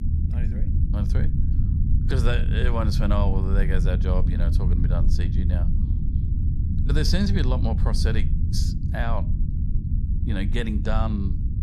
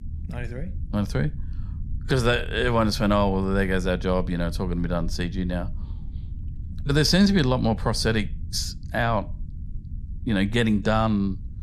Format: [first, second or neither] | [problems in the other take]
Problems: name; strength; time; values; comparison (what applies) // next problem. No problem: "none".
second | low rumble; loud; throughout; 7 dB below the speech; faint in the second